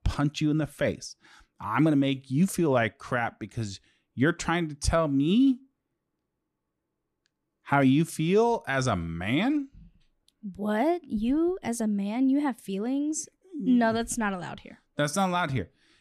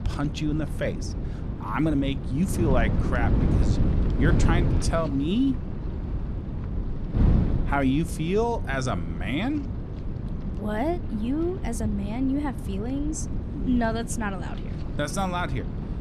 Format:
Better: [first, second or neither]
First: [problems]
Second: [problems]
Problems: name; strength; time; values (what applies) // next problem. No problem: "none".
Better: first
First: none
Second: wind noise on the microphone; heavy; 8 dB below the speech